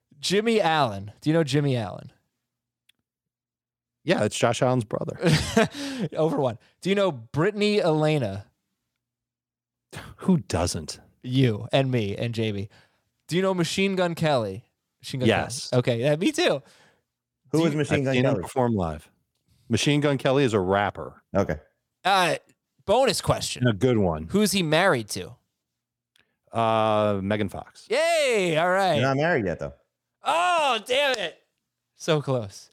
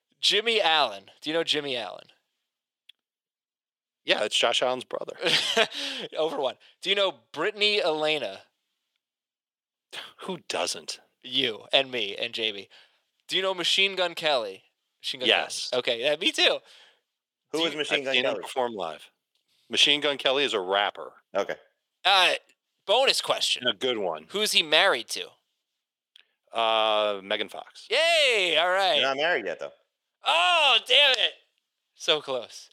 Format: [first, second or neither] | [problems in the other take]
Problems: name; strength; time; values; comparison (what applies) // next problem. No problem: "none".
first | thin; very; fading below 500 Hz